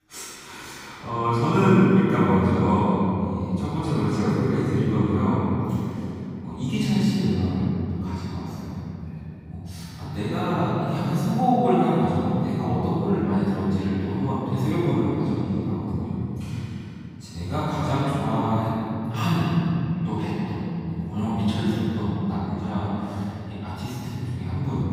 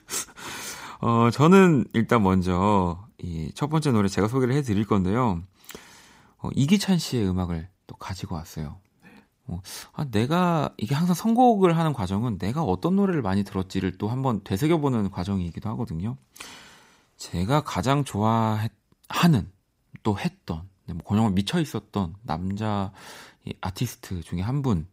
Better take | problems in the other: second | off-mic speech; far // room echo; strong; dies away in 3 s

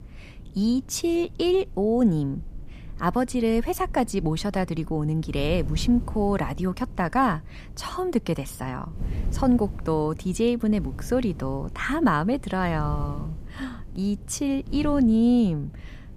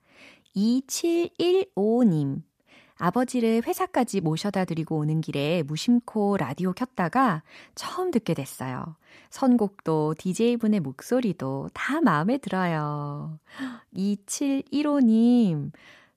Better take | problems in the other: second | wind noise on the microphone; occasional gusts; 20 dB below the speech

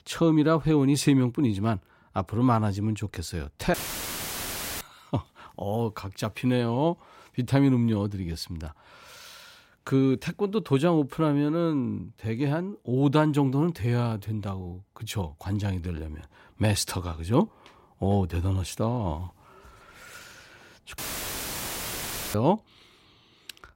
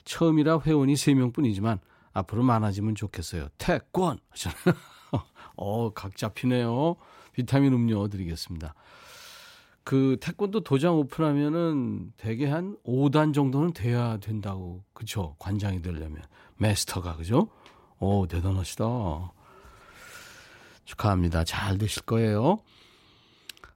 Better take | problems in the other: second | audio cutting out; filled with static; at 3.5 s for 1 s and at 21 s for 1.5 s

